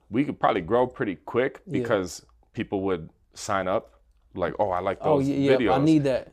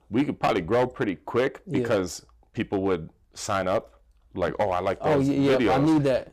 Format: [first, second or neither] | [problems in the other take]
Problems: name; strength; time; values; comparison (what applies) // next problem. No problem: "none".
first | distortion; slight; 6% of the sound clipped